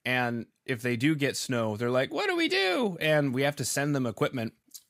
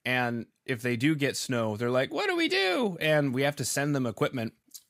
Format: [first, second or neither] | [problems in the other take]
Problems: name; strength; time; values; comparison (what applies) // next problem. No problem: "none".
neither | none